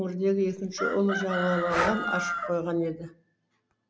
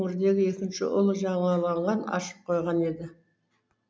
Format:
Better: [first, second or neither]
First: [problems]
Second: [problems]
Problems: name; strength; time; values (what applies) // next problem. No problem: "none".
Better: second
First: background sound (Breathing + Chicken, rooster); 3 dB below the speech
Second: none